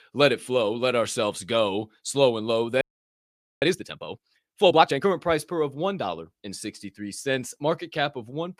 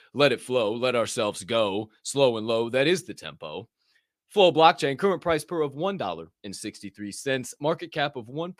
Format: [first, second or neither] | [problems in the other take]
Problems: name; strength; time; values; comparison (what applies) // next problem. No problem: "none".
second | audio freezing; at 3 s for 1 s